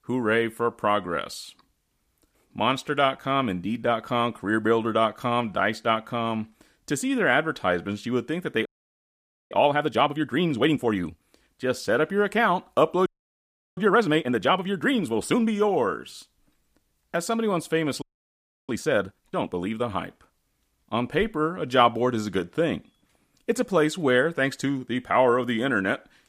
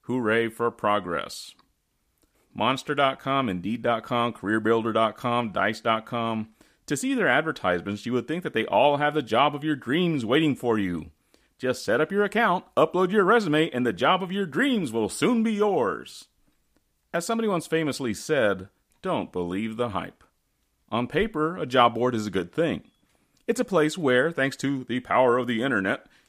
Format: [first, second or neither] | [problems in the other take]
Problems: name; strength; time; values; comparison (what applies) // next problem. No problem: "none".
second | audio freezing; at 8.5 s for 1 s, at 13 s for 0.5 s and at 18 s for 0.5 s